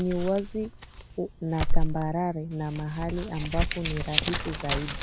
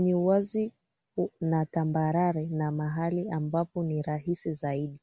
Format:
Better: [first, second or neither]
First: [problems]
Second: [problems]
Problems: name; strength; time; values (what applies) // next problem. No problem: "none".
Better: second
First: background sound (Crumpling, crinkling); 3 dB above the speech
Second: none